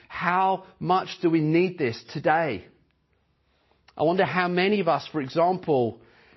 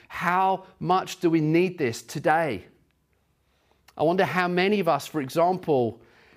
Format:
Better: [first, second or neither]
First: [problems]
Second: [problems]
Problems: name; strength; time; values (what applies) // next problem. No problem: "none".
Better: second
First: garbled, watery; slightly; nothing above 5.5 kHz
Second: none